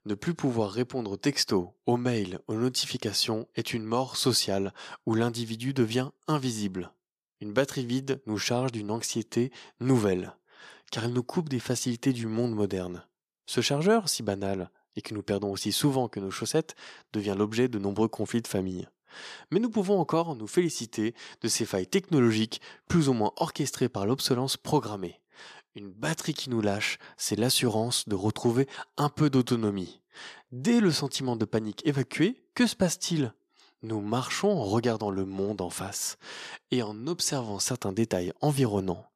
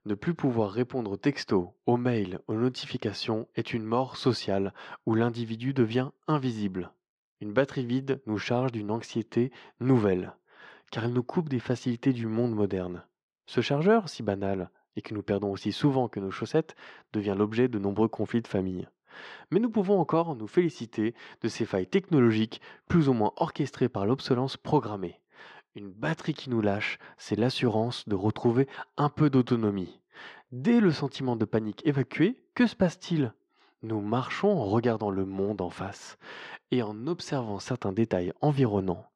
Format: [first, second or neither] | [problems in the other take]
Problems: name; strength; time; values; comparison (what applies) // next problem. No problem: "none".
first | muffled; slightly; fading above 2.5 kHz